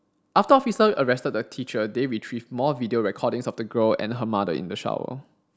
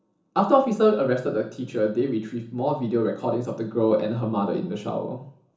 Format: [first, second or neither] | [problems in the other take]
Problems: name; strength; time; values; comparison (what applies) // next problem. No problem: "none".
first | room echo; dies away in 0.7 s